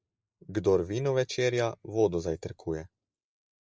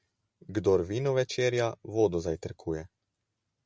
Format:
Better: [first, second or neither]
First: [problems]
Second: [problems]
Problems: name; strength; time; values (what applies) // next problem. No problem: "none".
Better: second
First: noise reduction (neural mask model Resemble Enhance denoiser)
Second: none